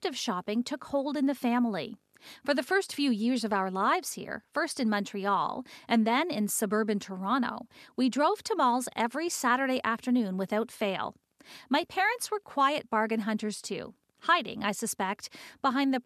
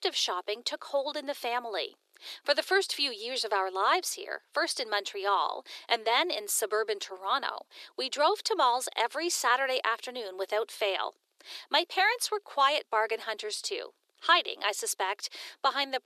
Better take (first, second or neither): first